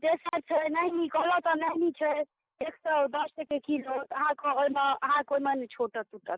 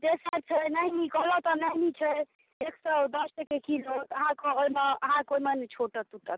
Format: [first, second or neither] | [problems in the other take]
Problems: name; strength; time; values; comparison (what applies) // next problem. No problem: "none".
second | noise reduction (neural mask model Resemble Enhance denoiser)